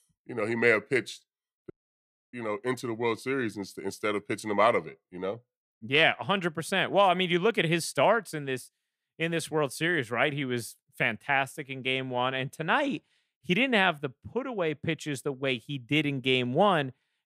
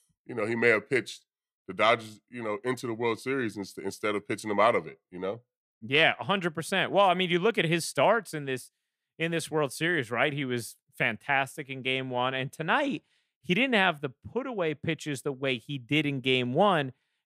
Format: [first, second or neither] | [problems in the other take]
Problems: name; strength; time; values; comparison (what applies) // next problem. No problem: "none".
second | audio cutting out; at 1.5 s for 0.5 s